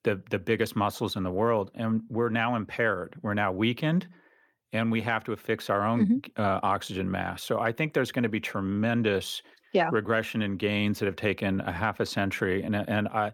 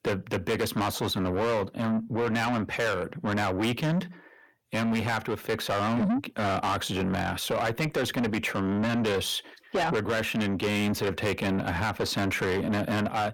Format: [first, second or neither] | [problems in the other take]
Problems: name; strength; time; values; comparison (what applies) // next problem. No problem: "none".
first | distortion; heavy; 6 dB below the speech